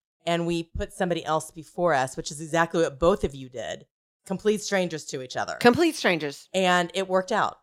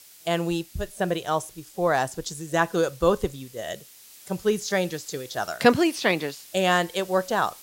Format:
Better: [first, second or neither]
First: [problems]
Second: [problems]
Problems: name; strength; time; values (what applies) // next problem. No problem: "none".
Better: first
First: none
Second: hiss; faint; throughout; 20 dB below the speech